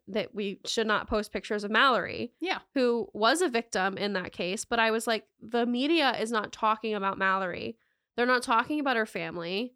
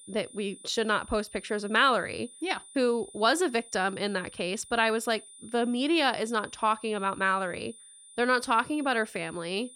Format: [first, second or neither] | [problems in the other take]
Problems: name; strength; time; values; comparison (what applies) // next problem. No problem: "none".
first | high-pitched whine; noticeable; throughout; 9.5 kHz, 20 dB below the speech